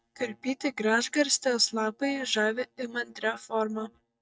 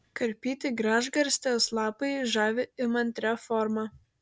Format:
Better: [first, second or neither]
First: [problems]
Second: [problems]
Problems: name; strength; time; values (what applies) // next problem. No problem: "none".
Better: second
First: noise reduction (neural mask model DeepFilterNet 3)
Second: none